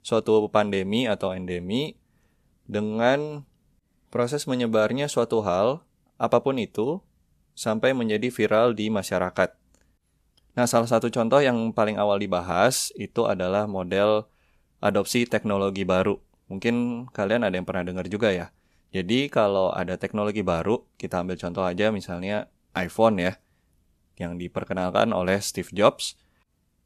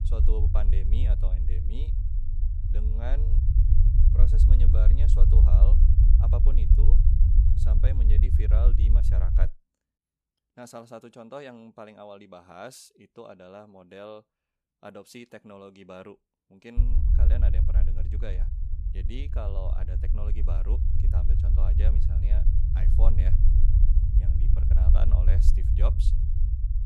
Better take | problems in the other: first | low rumble; loud; until 9.5 s and from 17 s on; as loud as the speech

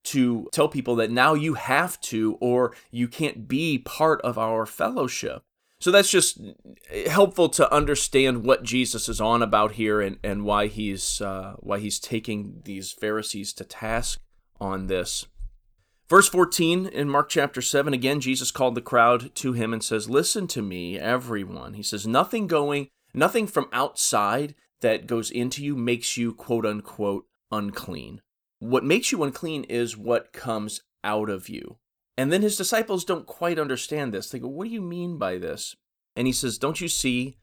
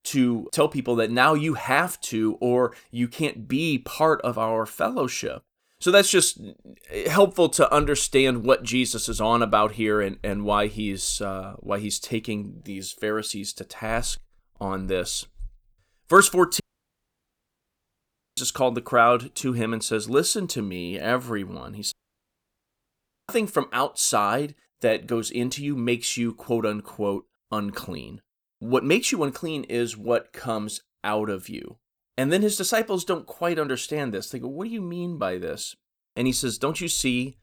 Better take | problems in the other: first | audio cutting out; at 17 s for 2 s and at 22 s for 1.5 s

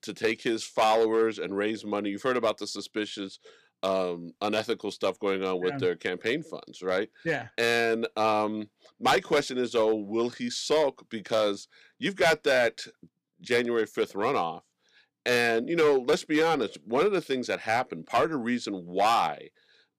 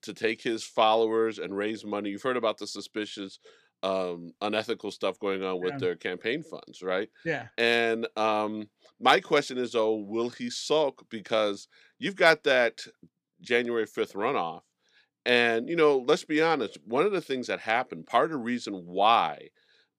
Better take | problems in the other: second | distortion; slight; 3% of the sound clipped

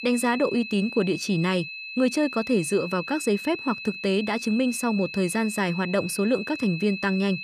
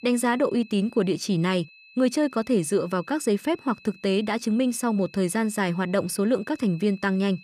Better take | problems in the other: second | high-pitched whine; loud; throughout; 2.5 kHz, 9 dB below the speech; faint in the second

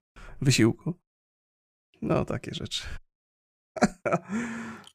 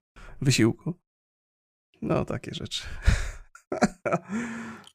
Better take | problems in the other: second | audio cutting out; at 3 s for 1 s

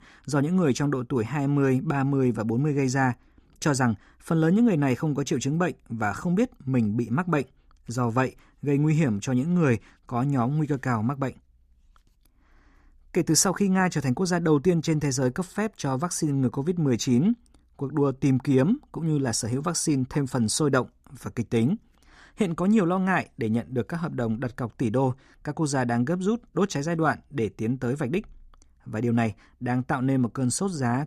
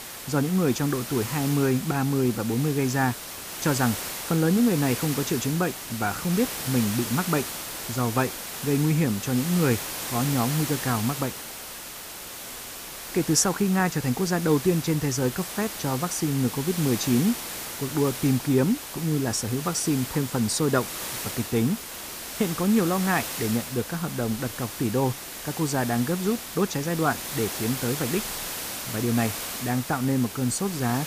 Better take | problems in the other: first | hiss; loud; throughout; 7 dB below the speech

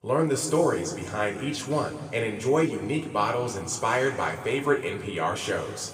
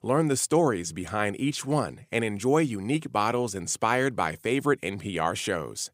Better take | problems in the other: second | room echo; slight; dies away in 2 s // off-mic speech; somewhat distant

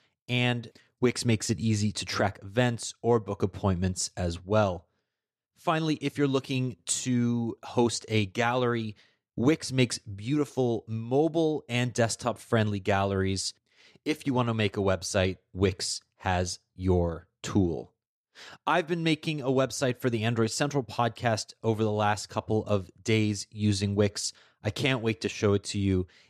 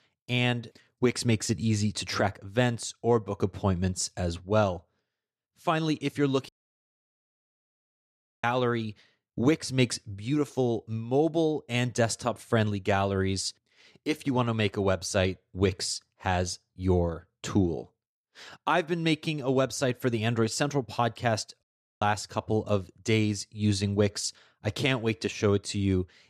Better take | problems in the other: first | audio cutting out; at 6.5 s for 2 s and at 22 s

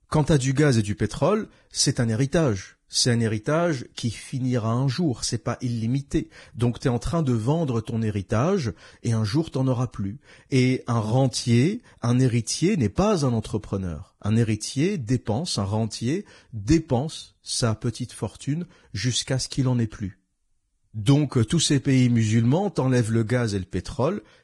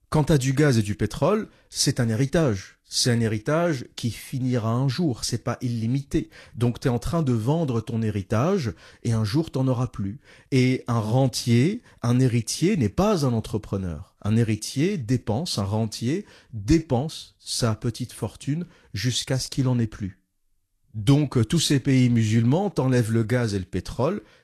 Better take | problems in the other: second | garbled, watery; badly; nothing above 10 kHz; slightly in the second

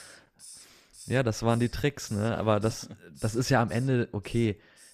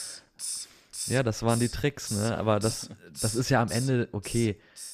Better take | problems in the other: first | hiss; loud; throughout; 8 dB below the speech; faint in the first

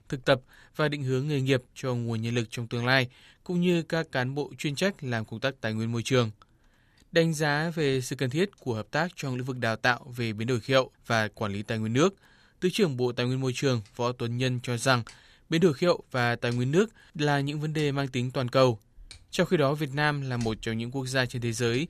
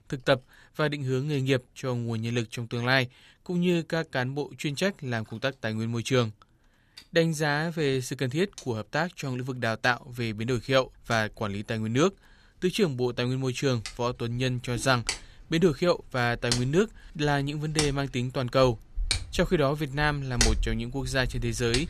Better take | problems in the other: first | household noises; loud; throughout; 6 dB below the speech; faint in the first

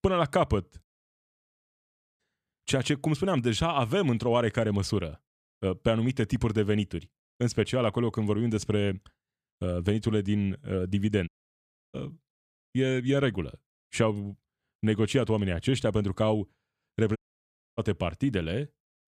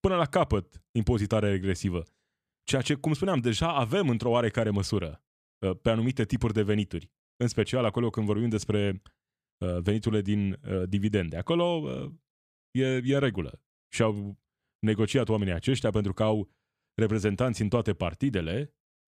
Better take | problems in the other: second | audio cutting out; at 1 s for 1.5 s, at 11 s for 0.5 s and at 17 s for 0.5 s

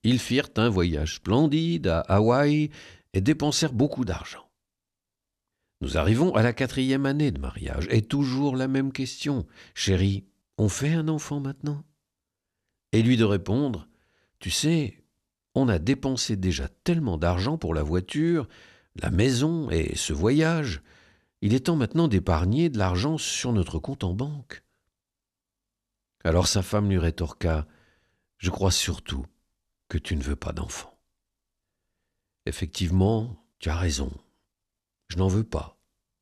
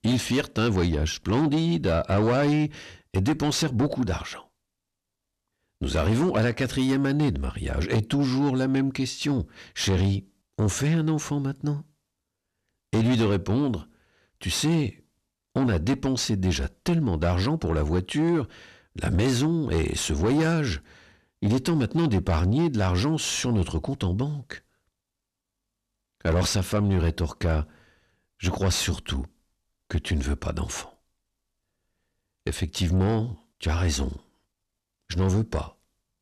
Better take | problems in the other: first | distortion; slight; 10 dB below the speech

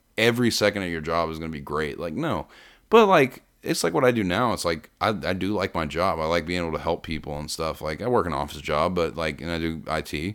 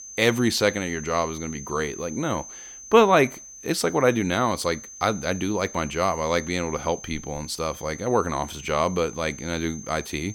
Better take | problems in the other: first | high-pitched whine; noticeable; throughout; 6.5 kHz, 15 dB below the speech

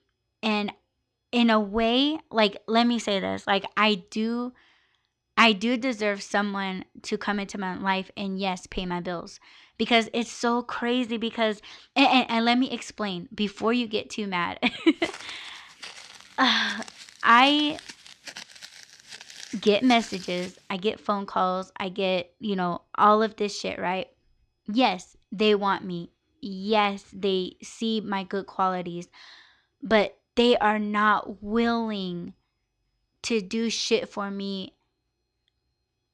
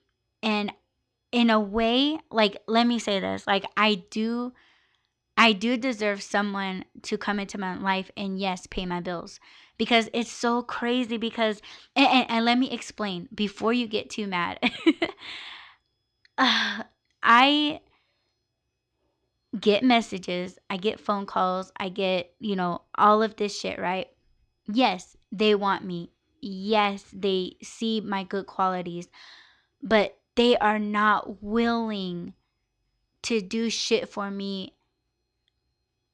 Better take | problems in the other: second | footsteps; faint; from 15 to 21 s; peak 15 dB below the speech

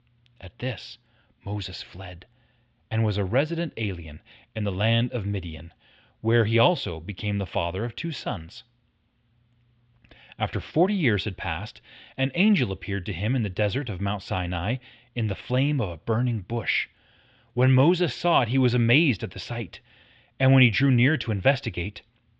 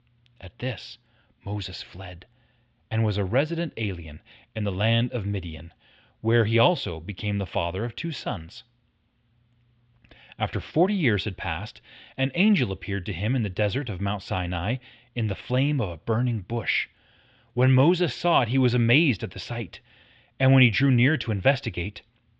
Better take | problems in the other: neither | muffled; very; fading above 3.5 kHz; the same in both

